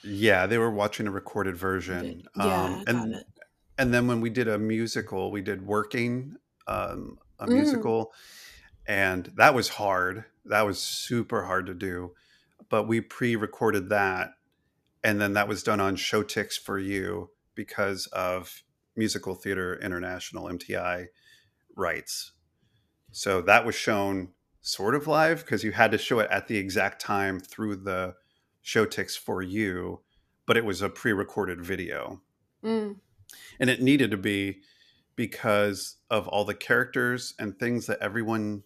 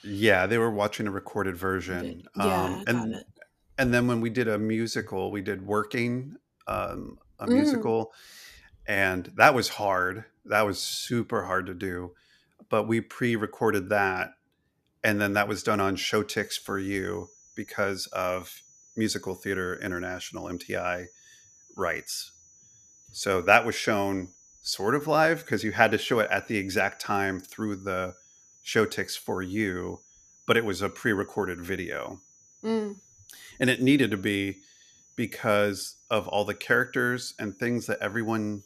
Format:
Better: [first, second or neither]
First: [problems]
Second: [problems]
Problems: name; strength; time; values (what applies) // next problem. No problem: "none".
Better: first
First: none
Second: high-pitched whine; faint; from 16 s on; 6 kHz, 25 dB below the speech